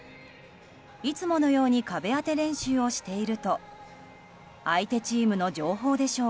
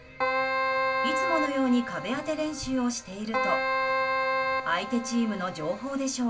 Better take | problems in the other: first | background sound (Keyboard (musical)); 1 dB above the speech // room echo; dies away in 0.2 s

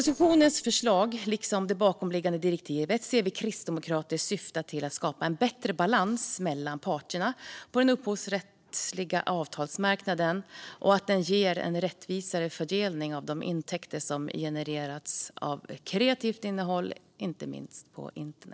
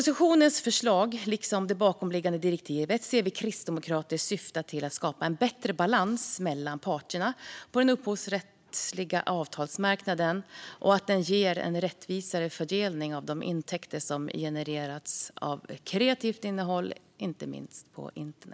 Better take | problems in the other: second | noise reduction (neural separator model SepFormer DNS4)

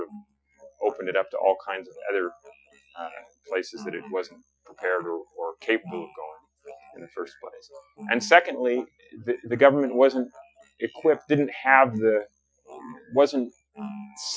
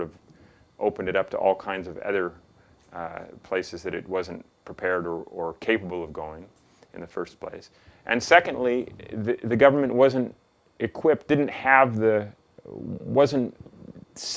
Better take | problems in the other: second | noise reduction (classical method Wiener filter)

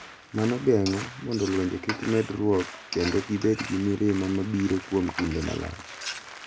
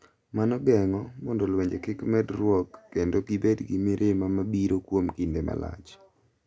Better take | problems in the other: second | background sound (Applause + Frying (food)); 12 dB below the speech

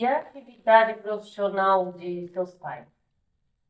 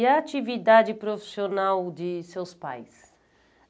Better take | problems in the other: second | noise reduction (neural mask model DeepFilterNet 3)

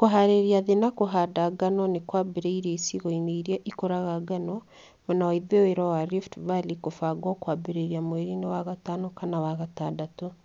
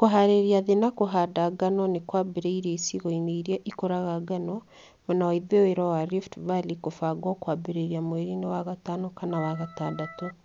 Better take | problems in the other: first | background sound (Organ); 16 dB below the speech

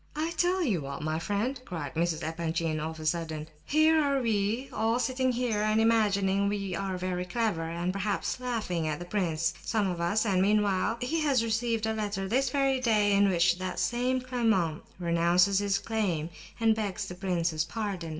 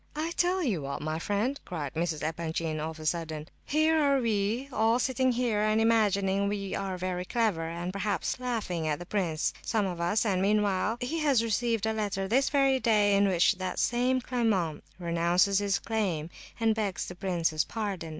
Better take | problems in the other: second | background sound (Tambourine); 19 dB below the speech // room echo; dies away in 0.7 s

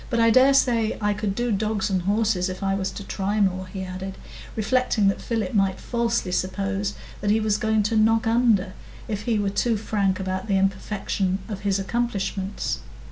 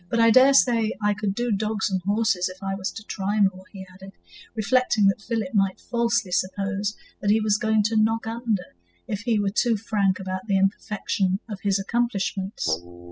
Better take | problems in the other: first | noise reduction (classical method spectral subtraction)

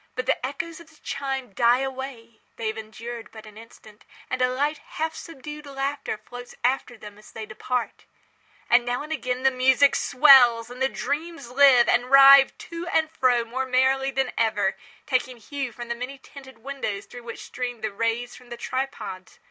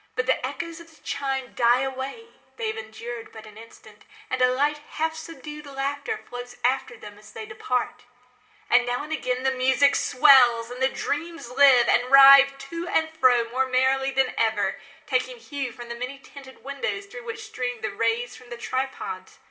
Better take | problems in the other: first | room echo; dies away in 1.7 s

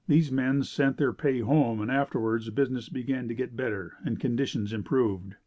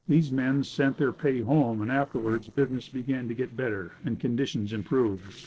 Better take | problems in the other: first | noise reduction (neural separator model SepFormer DNS4)

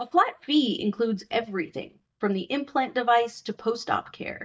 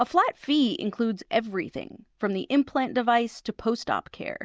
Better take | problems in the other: second | noise reduction (neural mask model DeepFilterNet 3)

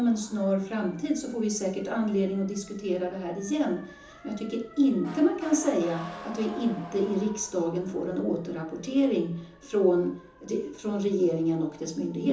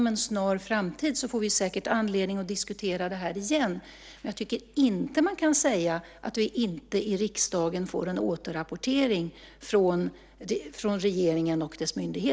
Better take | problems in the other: second | background sound (Motor vehicle (road) / Siren); 20 dB below the speech // room echo; dies away in 0.7 s

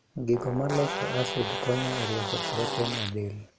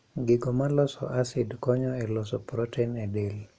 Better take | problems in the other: second | background sound (Fart + Brass instrument); 3 dB below the speech

